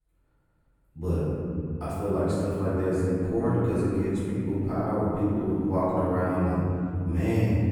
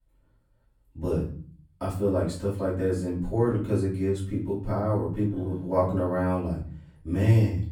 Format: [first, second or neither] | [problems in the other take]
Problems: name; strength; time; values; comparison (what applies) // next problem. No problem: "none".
second | room echo; strong; dies away in 3 s; slight in the second // off-mic speech; far; far in the second